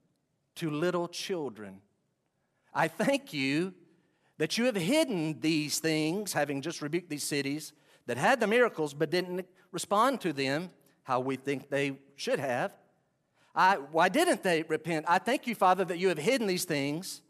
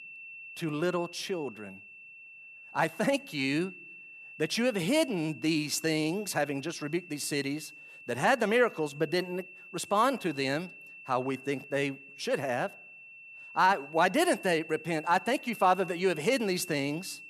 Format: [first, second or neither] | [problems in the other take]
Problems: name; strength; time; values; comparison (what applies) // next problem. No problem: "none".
first | high-pitched whine; noticeable; throughout; 2.5 kHz, 15 dB below the speech